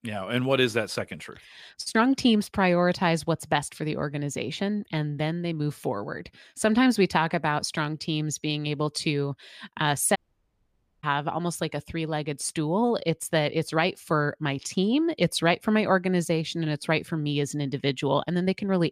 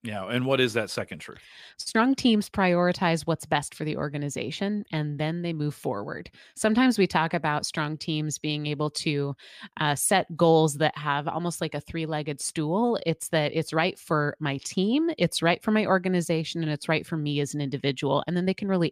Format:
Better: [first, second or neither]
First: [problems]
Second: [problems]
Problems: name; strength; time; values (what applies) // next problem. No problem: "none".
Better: second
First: audio cutting out; at 10 s for 1 s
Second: none